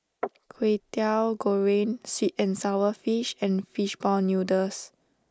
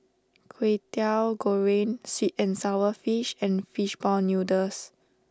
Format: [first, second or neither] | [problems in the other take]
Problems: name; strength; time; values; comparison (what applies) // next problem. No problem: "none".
second | noise reduction (neural mask model Resemble Enhance denoiser)